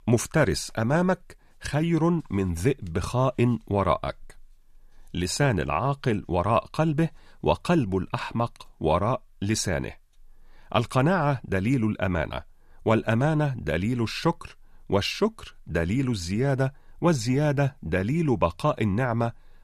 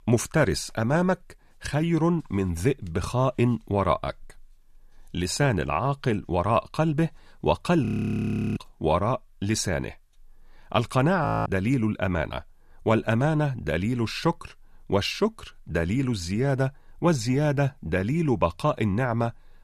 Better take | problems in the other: first | audio freezing; at 8 s for 0.5 s and at 11 s

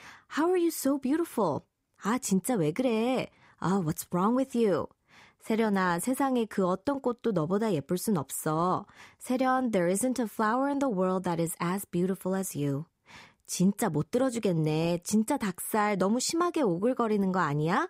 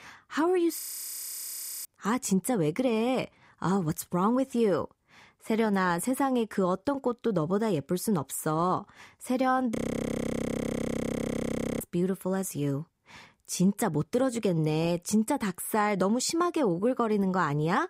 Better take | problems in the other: first | audio freezing; at 1 s for 1 s and at 10 s for 2 s

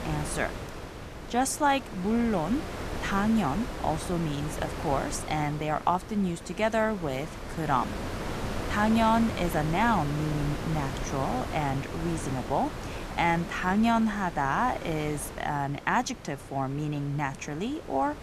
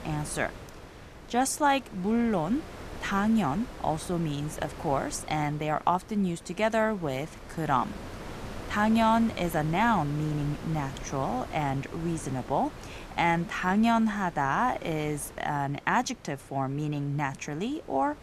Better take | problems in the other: second | wind noise on the microphone; heavy; 10 dB below the speech; occasional gusts in the second

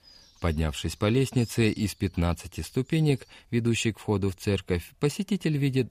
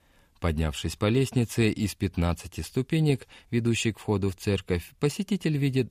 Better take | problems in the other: second | animal sounds; faint; throughout; 25 dB below the speech

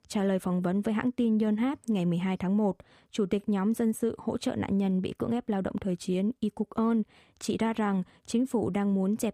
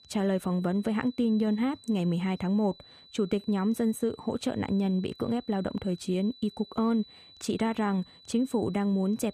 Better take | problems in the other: first | high-pitched whine; faint; throughout; 4 kHz, 25 dB below the speech

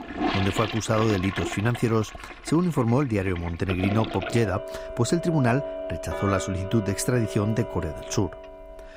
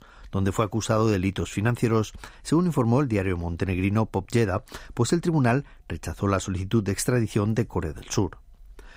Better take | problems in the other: second | household noises; loud; throughout; 8 dB below the speech

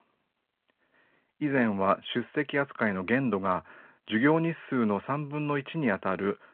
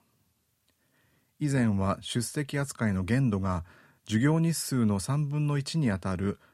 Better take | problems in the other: second | phone-call audio

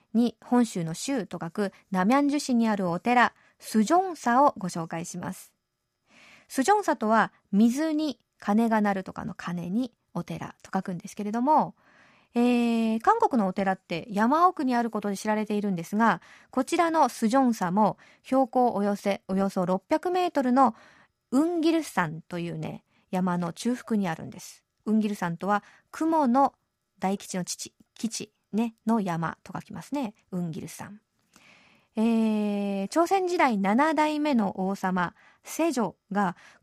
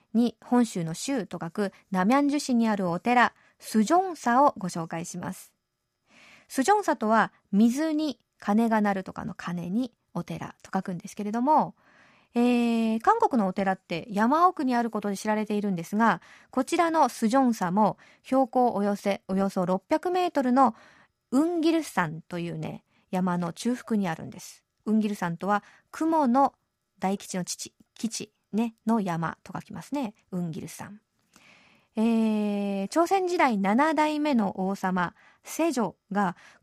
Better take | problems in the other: neither | none

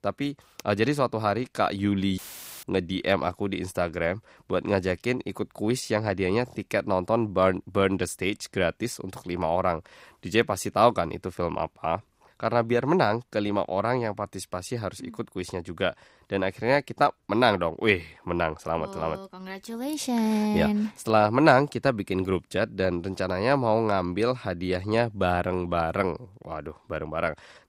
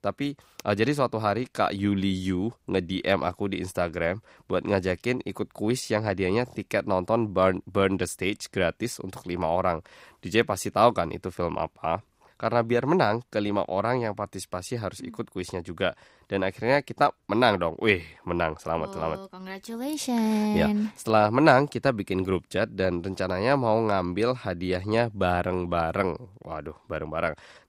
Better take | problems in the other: second | audio cutting out; filled with static; at 2 s

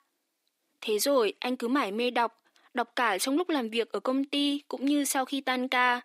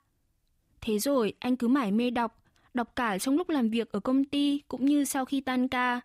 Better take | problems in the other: second | thin; very slightly; fading below 300 Hz

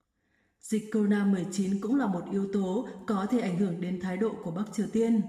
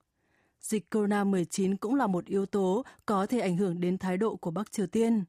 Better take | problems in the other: second | room echo; slight; dies away in 0.9 s // off-mic speech; somewhat distant

